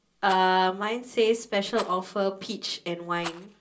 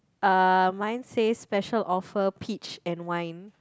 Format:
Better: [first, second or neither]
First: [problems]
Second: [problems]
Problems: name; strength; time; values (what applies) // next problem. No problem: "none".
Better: second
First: background sound (Rattle); 18 dB below the speech // room echo; dies away in 0.2 s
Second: none